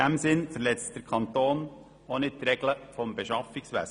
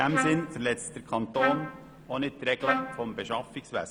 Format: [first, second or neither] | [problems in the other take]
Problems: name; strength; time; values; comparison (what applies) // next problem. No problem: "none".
first | background sound (Trumpet); 3 dB below the speech